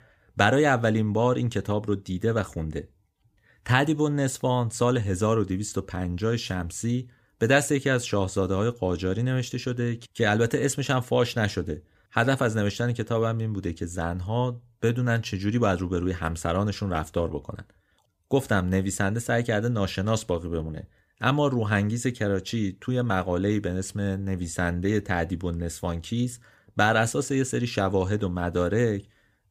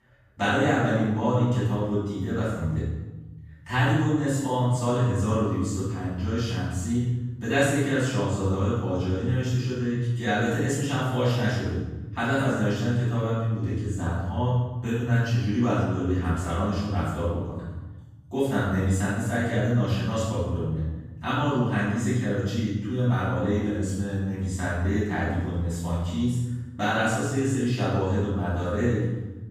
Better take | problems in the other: first | off-mic speech; far // room echo; strong; dies away in 1.1 s

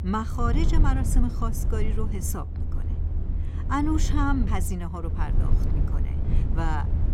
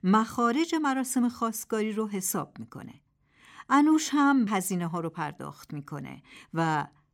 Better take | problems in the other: second | low rumble; noticeable; throughout; 10 dB below the speech

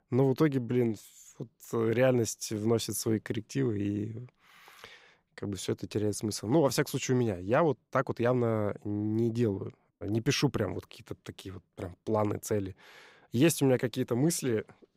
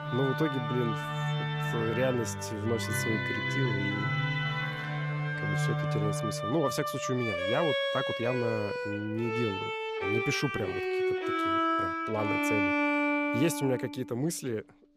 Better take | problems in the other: first | background music; very loud; throughout; 2 dB above the speech

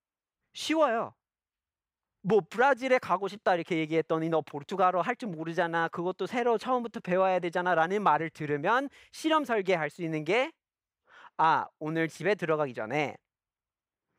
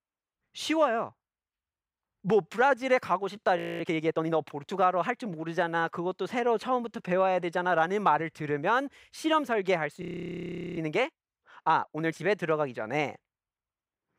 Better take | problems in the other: first | audio freezing; at 3.5 s and at 10 s for 1 s

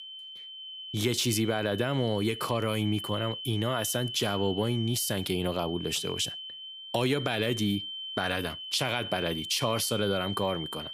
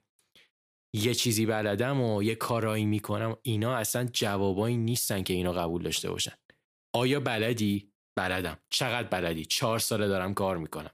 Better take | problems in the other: second | high-pitched whine; loud; throughout; 3 kHz, 7 dB below the speech

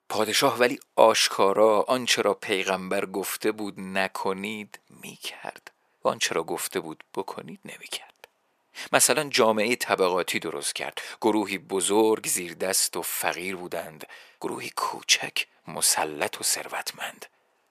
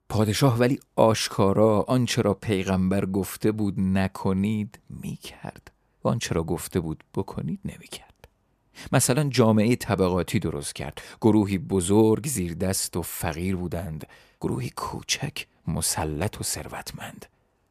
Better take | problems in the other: second | thin; somewhat; fading below 500 Hz

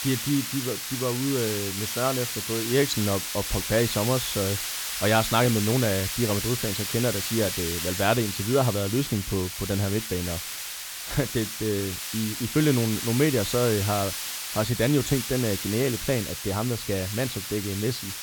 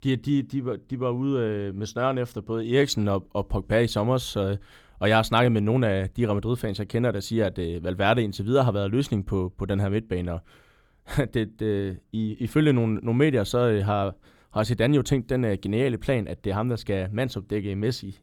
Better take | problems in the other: second | hiss; loud; throughout; 3 dB below the speech

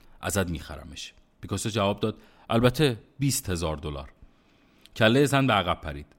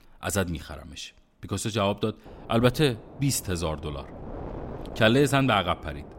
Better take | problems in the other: first | wind noise on the microphone; occasional gusts; from 2.5 s on; 20 dB below the speech

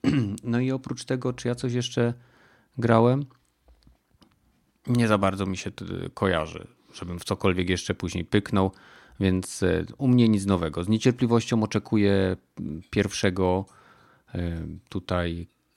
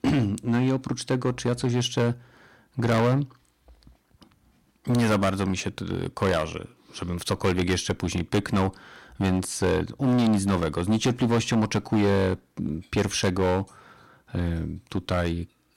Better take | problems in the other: first | distortion; heavy; 9% of the sound clipped

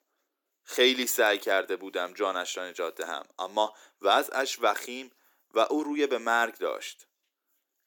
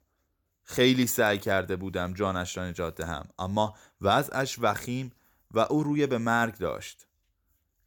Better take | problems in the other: second | thin; somewhat; fading below 300 Hz

